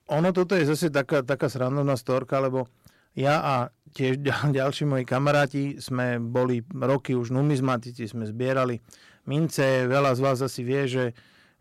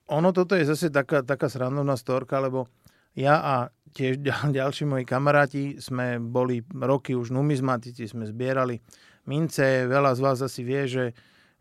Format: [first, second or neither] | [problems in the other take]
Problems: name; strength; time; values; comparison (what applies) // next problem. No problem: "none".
second | distortion; slight; 5% of the sound clipped